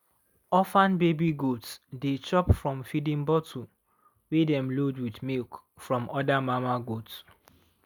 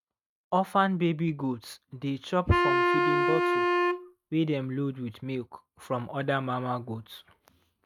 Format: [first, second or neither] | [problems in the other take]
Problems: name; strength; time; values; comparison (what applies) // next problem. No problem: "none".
first | noise reduction (neural mask model RNNoise)